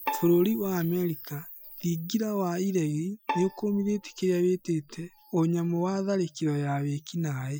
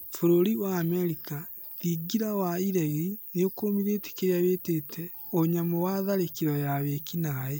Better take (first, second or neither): second